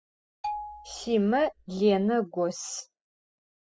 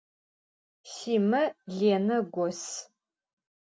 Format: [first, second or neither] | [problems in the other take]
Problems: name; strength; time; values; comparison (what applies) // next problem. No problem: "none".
second | noise reduction (classical method spectral subtraction)